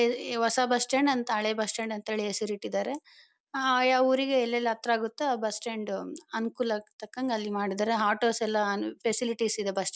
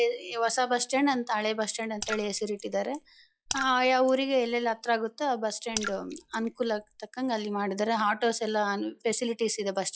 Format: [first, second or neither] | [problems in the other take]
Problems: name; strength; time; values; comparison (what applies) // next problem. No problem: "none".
first | noise reduction (classical method log-MMSE)